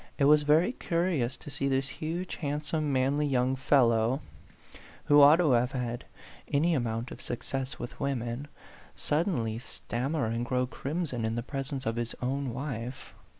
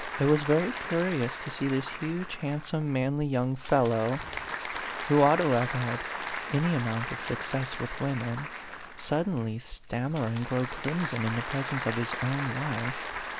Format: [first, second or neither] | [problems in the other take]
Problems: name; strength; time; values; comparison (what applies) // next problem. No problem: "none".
first | background sound (Applause / Crowd); 8 dB below the speech